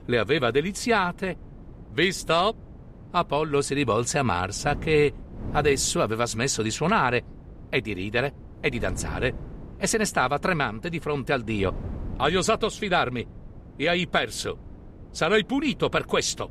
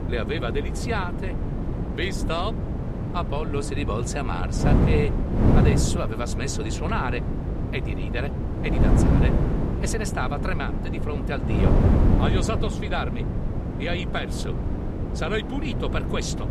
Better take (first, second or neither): first